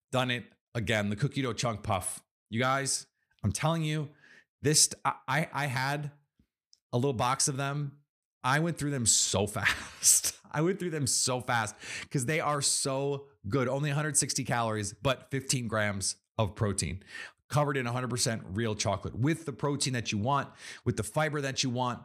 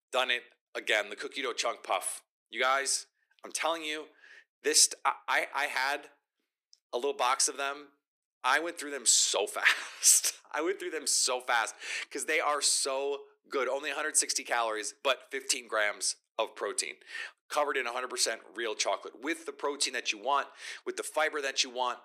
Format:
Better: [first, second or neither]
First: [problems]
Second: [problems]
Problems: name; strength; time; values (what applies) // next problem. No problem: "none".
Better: first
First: none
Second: thin; very; fading below 350 Hz